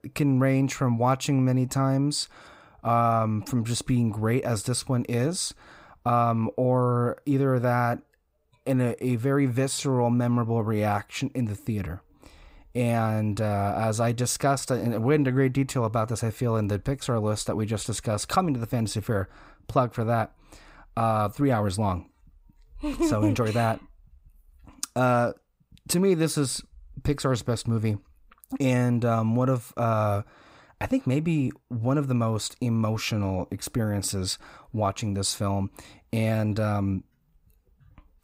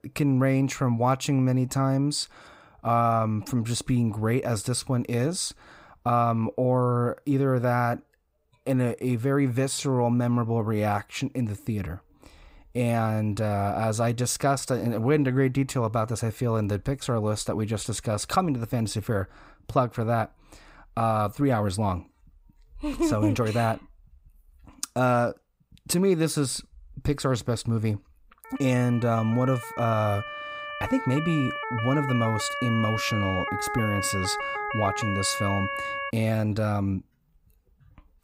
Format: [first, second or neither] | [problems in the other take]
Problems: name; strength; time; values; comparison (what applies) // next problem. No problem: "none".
first | siren; noticeable; from 28 to 36 s; peak 3 dB below the speech